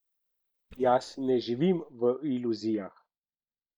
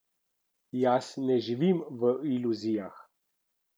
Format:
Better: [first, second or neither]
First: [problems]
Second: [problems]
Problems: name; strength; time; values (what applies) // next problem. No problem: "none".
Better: second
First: noise reduction (neural mask model DeepFilterNet 3)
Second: none